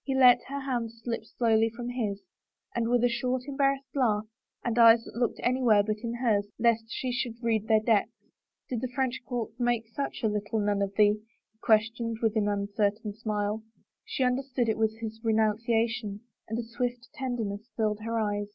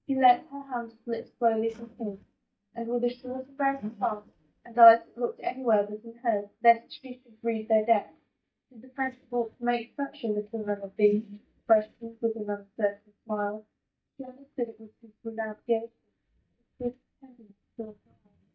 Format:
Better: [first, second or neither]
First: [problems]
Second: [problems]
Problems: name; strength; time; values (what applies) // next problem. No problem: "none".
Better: first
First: none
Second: noise reduction (neural mask model DeepFilterNet 3)